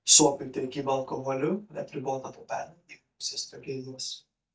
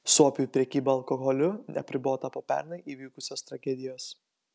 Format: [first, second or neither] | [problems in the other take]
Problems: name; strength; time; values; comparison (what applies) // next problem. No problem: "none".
second | noise reduction (neural mask model DeepFilterNet 3)